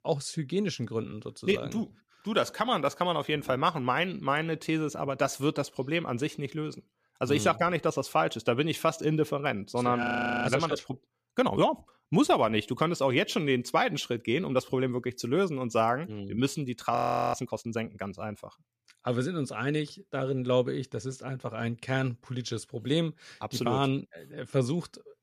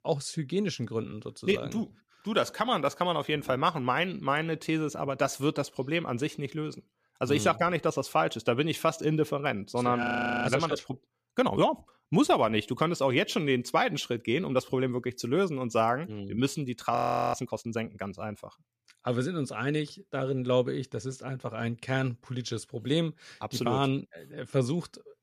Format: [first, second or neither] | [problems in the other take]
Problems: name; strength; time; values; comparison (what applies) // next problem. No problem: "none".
neither | audio freezing; at 10 s and at 17 s; the same in both